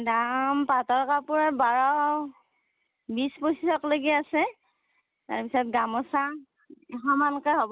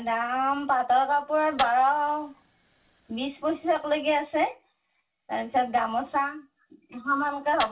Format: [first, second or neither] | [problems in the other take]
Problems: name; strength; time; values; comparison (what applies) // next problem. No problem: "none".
first | background sound (Fire); 20 dB below the speech // room echo; dies away in 0.2 s